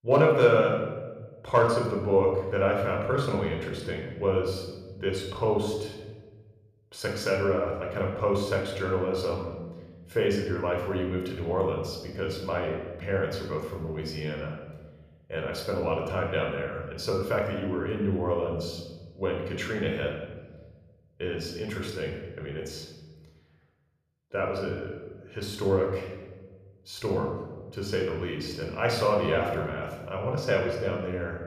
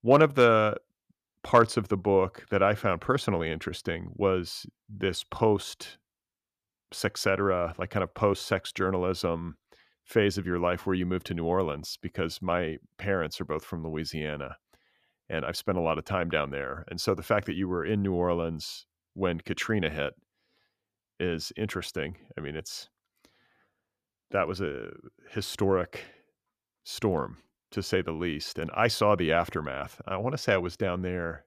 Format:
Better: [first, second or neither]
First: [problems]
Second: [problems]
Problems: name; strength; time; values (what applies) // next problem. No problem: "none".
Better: second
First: off-mic speech; somewhat distant // room echo; noticeable; dies away in 1.2 s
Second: none